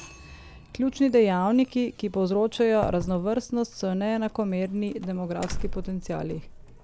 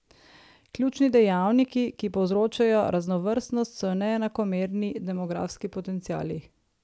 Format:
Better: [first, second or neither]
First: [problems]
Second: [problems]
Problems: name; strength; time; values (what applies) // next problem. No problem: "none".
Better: second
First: background sound (Doorbell); 13 dB below the speech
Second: none